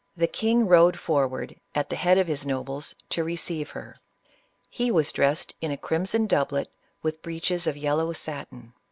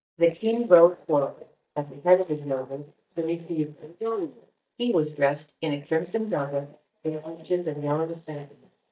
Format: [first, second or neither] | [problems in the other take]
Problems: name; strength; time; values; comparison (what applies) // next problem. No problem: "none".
first | noise reduction (neural mask model DeepFilterNet 3)